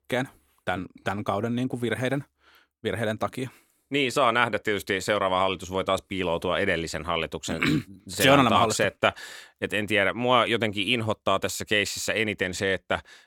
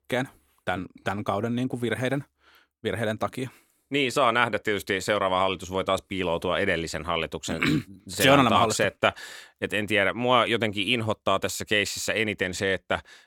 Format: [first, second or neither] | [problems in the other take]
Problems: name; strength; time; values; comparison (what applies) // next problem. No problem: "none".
neither | none